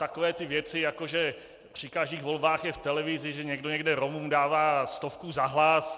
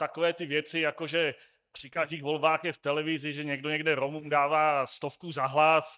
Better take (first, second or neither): first